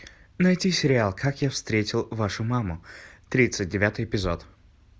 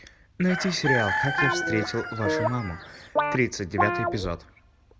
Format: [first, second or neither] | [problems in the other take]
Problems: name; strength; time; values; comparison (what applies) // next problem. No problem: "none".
first | background sound (Chicken, rooster + Guitar); as loud as the speech